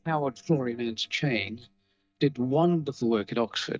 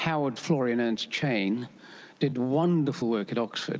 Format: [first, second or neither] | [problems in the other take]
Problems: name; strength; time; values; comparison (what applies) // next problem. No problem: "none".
second | noise reduction (neural mask model DeepFilterNet 3)